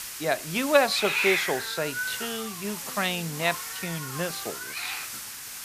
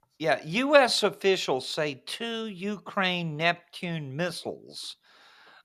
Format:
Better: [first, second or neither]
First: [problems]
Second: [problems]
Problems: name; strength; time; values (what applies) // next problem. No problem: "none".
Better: second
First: hiss; loud; throughout; 3 dB below the speech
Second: none